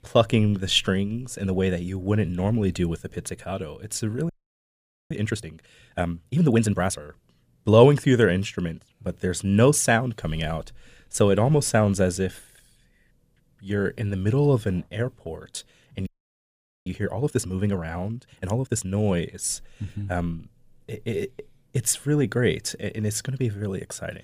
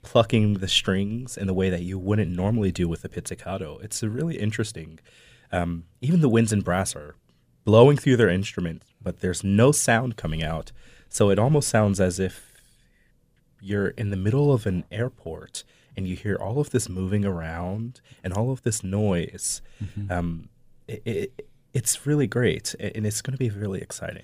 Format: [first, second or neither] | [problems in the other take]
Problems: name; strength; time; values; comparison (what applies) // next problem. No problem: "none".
second | audio freezing; at 4.5 s for 1 s and at 16 s for 1 s